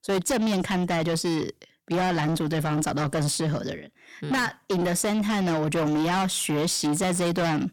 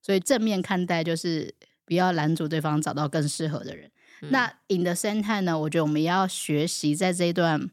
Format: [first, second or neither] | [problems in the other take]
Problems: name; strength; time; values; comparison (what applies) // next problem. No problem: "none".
second | distortion; heavy; 6 dB below the speech